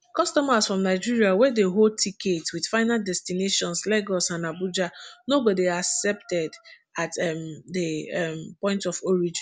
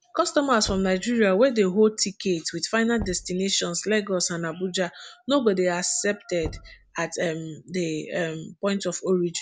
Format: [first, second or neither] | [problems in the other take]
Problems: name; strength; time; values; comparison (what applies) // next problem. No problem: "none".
first | background sound (Knock); 19 dB below the speech